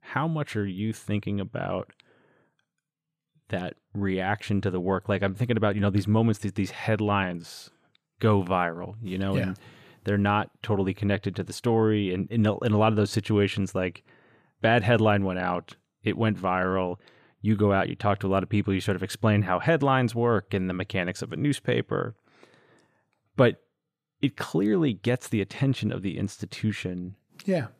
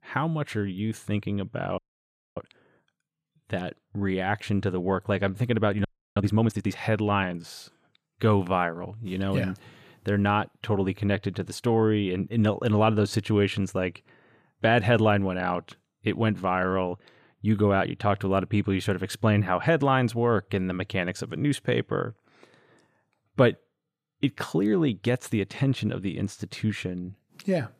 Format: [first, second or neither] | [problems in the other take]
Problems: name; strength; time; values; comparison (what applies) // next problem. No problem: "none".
first | audio freezing; at 2 s for 0.5 s and at 6 s